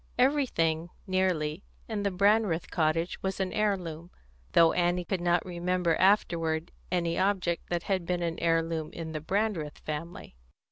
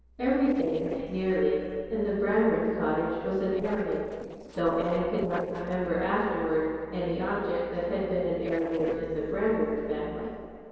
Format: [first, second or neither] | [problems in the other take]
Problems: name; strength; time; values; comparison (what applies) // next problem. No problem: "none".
first | noise reduction (neural separator model SepFormer DNS4)